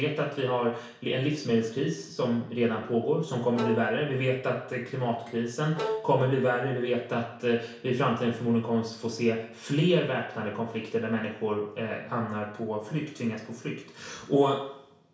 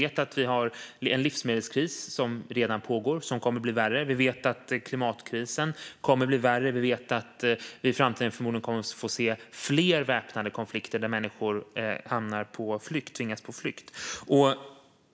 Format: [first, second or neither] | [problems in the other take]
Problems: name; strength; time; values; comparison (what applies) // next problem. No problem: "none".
second | background sound (Bowed string instrument); 9 dB below the speech // room echo; dies away in 0.6 s